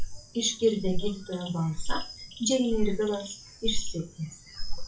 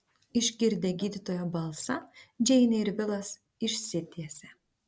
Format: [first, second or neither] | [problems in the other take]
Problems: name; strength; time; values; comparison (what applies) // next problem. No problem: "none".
second | noise reduction (classical method WPE with log-MMSE)